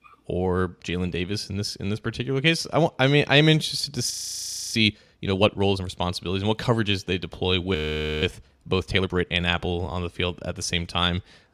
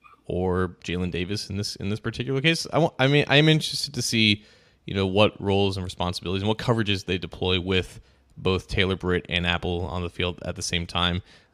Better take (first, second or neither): second